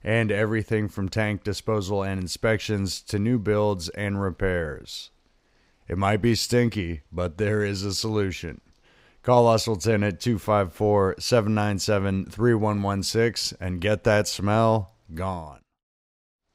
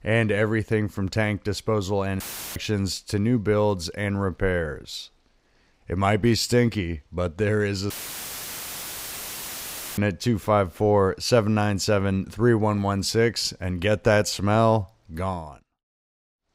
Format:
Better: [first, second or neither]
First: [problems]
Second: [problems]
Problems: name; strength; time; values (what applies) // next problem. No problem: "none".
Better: first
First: none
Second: audio cutting out; filled with static; at 2 s and at 8 s for 2 s